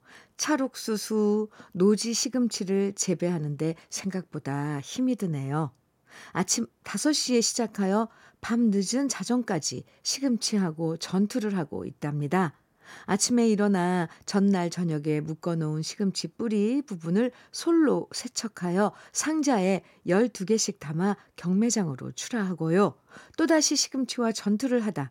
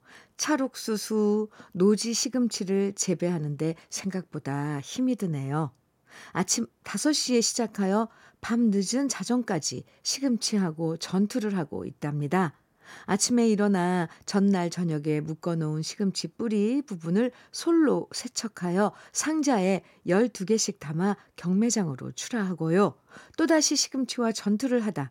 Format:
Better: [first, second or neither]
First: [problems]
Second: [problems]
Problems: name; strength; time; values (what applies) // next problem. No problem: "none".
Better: neither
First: none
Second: none